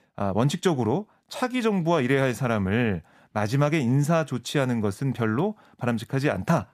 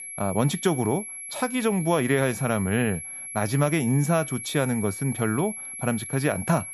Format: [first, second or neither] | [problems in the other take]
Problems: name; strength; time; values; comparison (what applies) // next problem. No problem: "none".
first | high-pitched whine; loud; throughout; 11 kHz, 9 dB below the speech